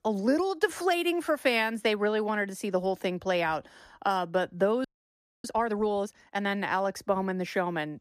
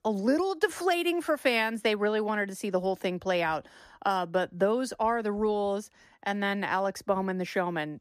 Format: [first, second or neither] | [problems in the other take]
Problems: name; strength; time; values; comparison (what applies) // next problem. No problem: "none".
second | audio freezing; at 5 s for 0.5 s